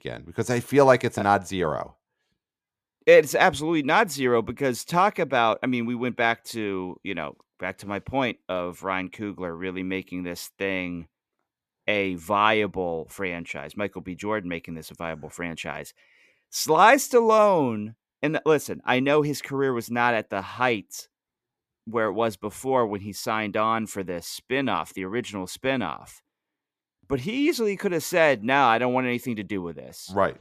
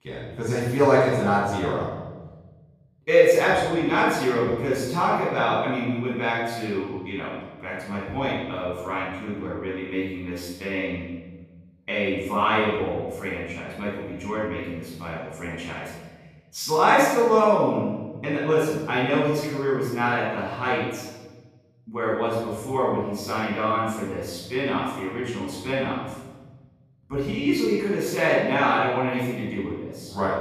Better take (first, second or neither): first